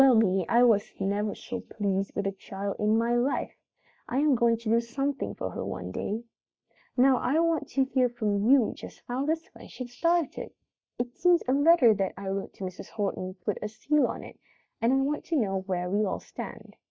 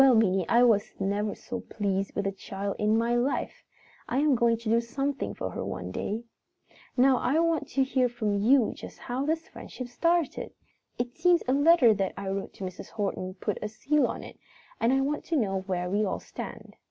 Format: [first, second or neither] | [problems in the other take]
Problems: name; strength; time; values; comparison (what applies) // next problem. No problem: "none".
second | noise reduction (neural mask model DeepFilterNet 3)